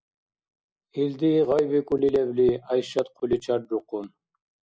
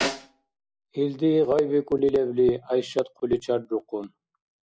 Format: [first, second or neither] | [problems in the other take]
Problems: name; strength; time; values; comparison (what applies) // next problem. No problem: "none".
first | background sound (Snare drum); 9 dB below the speech